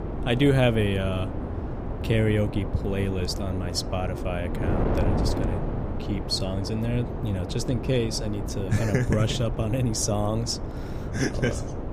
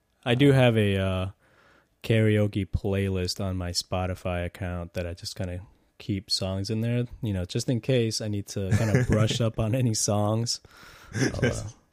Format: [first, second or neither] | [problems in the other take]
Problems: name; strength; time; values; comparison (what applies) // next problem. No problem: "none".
second | wind noise on the microphone; heavy; 7 dB below the speech